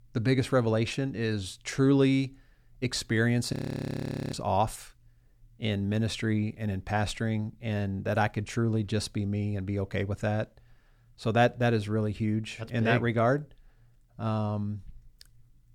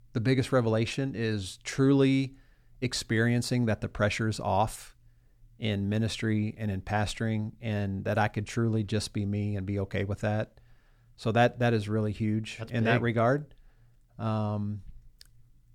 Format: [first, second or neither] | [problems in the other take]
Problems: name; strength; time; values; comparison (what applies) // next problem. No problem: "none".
second | audio freezing; at 3.5 s for 1 s